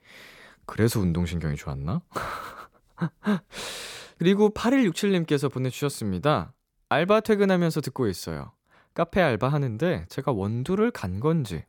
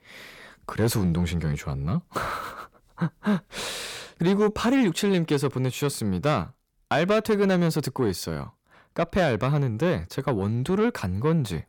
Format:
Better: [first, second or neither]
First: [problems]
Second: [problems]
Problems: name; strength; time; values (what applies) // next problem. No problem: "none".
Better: first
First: none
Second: distortion; slight; 10 dB below the speech